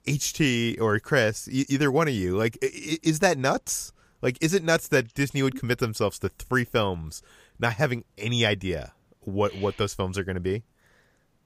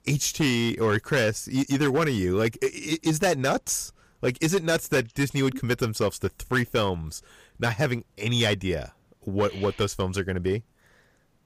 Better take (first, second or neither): first